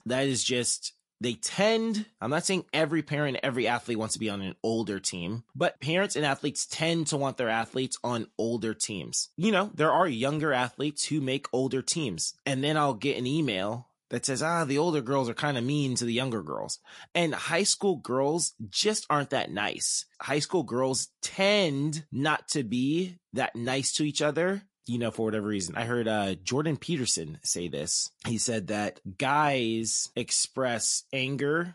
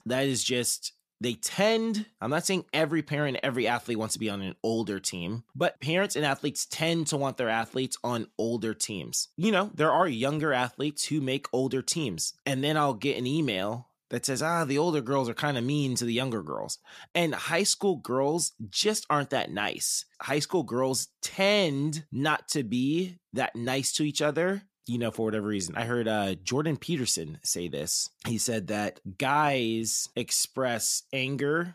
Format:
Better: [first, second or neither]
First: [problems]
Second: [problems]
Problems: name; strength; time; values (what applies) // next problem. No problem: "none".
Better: second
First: garbled, watery; slightly; nothing above 11 kHz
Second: none